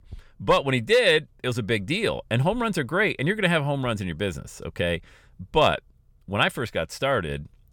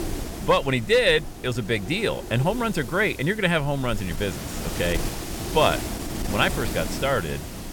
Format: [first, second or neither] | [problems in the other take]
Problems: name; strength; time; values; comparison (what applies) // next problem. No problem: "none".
first | wind noise on the microphone; occasional gusts; 10 dB below the speech